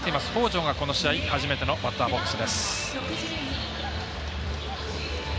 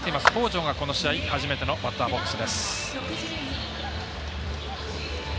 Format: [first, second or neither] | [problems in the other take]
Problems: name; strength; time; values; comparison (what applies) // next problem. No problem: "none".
first | background sound (Clapping); 1 dB below the speech